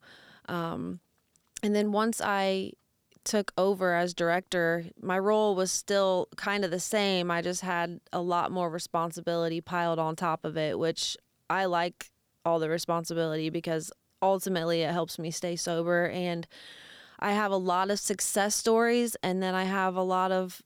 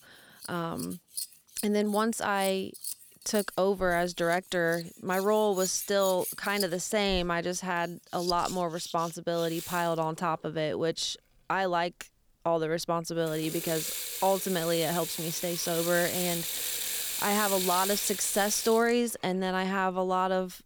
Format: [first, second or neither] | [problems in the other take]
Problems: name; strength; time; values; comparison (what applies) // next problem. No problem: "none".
first | household noises; loud; throughout; 5 dB below the speech